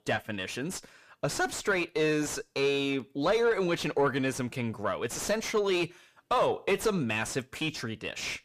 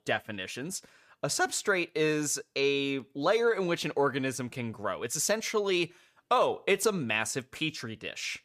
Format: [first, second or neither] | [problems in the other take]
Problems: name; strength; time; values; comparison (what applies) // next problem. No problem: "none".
second | distortion; slight; 9 dB below the speech